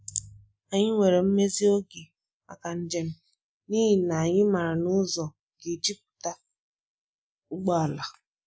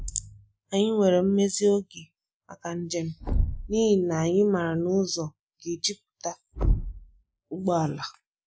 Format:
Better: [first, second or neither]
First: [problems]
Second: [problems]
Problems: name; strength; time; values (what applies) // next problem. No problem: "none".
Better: first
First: none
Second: background sound (Thump, thud); 7 dB below the speech